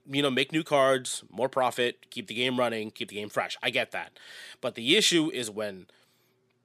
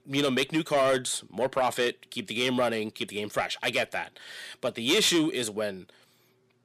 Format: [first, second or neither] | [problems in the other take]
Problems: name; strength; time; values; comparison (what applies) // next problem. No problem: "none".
first | distortion; slight; 10 dB below the speech